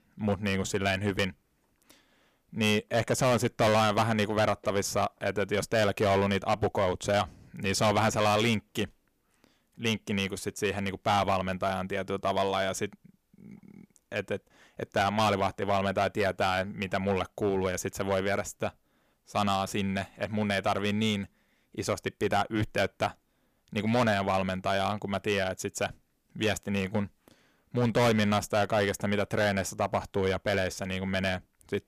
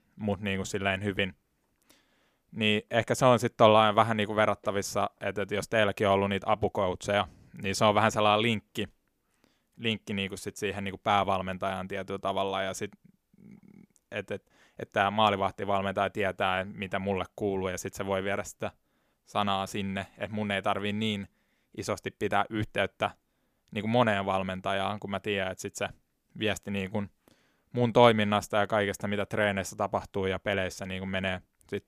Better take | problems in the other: second | distortion; heavy; 5% of the sound clipped

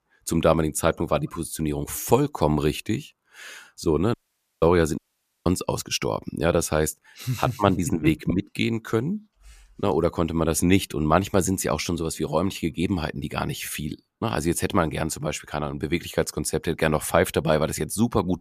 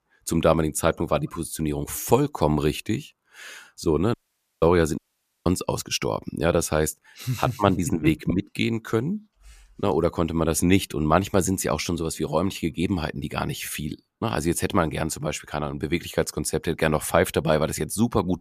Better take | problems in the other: neither | audio cutting out; at 4 s and at 5 s; the same in both

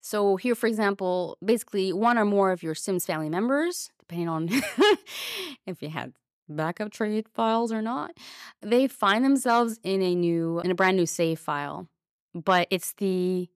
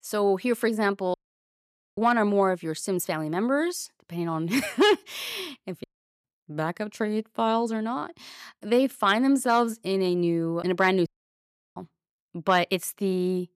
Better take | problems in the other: first | audio cutting out; at 1 s for 1 s, at 6 s and at 11 s for 0.5 s

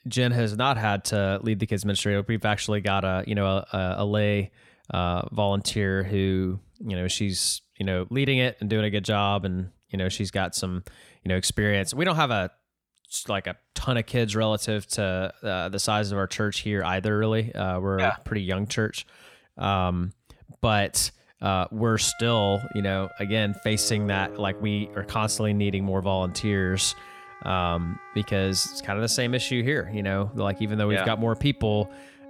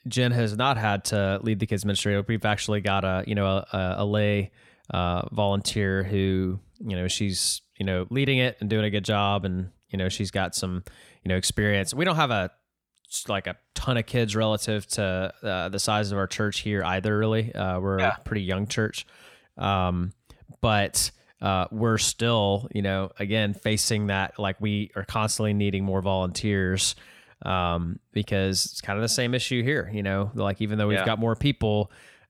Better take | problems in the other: second | background music; noticeable; from 22 s on; 20 dB below the speech

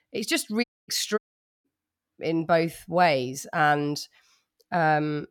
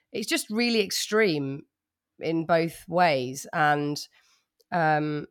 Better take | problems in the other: second | audio cutting out; at 0.5 s and at 1 s

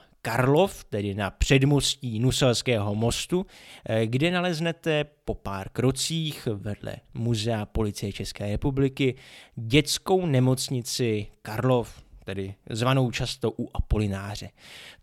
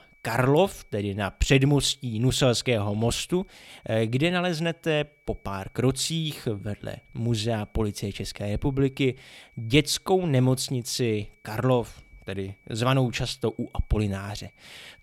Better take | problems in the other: first | high-pitched whine; faint; throughout; 2.5 kHz, 35 dB below the speech

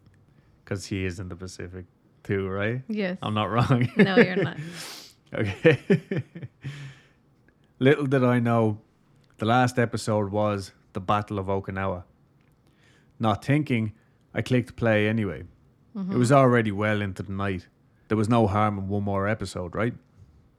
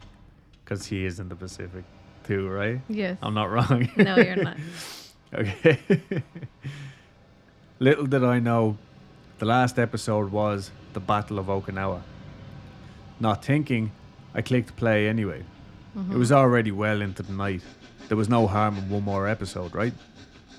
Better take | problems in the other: first | machinery noise; faint; throughout; 25 dB below the speech

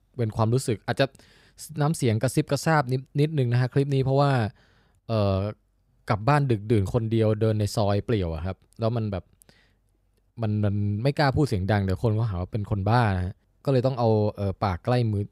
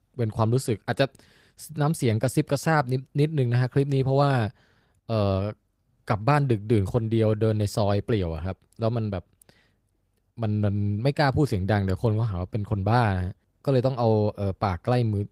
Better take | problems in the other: first | garbled, watery; slightly; nothing above 15.5 kHz

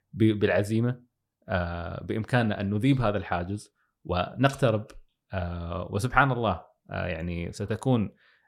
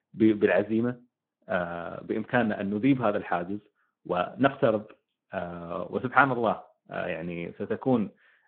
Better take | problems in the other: first | phone-call audio

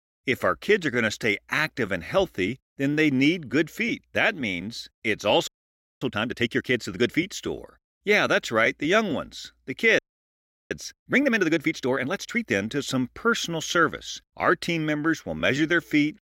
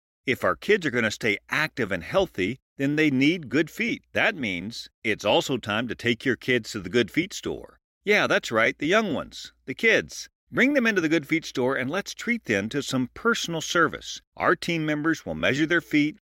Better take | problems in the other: second | audio freezing; at 5.5 s for 0.5 s and at 10 s for 0.5 s

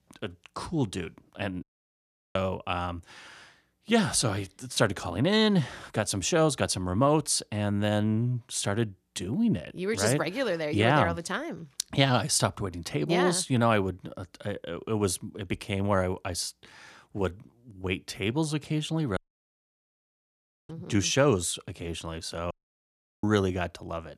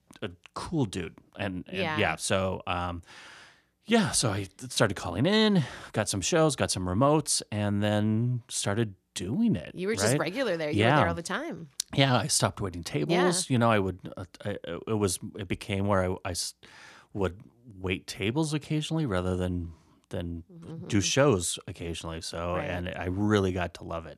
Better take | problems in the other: second | audio cutting out; at 1.5 s for 0.5 s, at 19 s for 1.5 s and at 23 s for 0.5 s

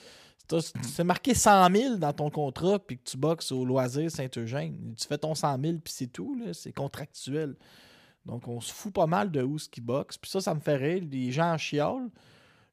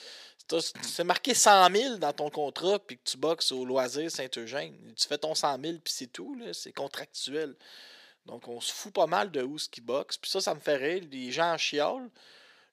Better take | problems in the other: first | thin; somewhat; fading below 400 Hz

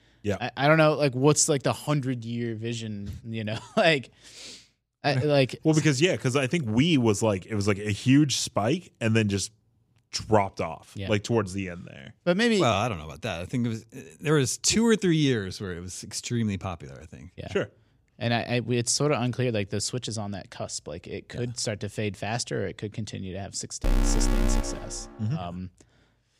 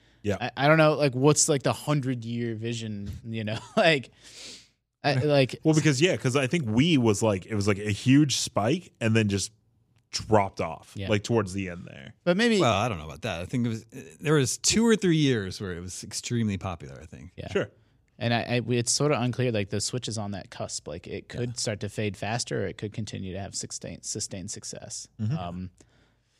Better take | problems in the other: second | alarm; noticeable; from 24 to 25 s; peak 1 dB below the speech

